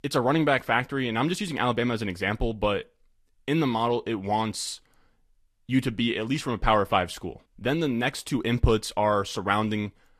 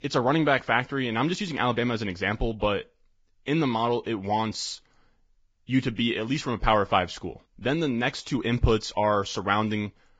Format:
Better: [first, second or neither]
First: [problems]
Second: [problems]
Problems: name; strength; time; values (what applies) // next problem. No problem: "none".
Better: first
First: garbled, watery; slightly; nothing above 14.5 kHz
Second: garbled, watery; badly; nothing above 7.5 kHz